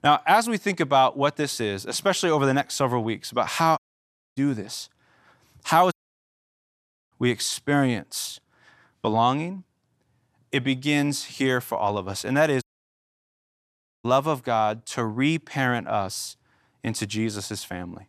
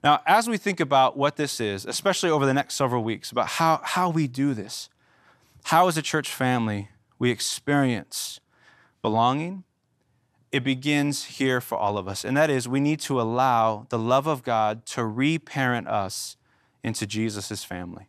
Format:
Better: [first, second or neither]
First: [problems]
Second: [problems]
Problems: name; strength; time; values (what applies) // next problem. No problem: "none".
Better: second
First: audio cutting out; at 4 s for 0.5 s, at 6 s for 1 s and at 13 s for 1.5 s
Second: none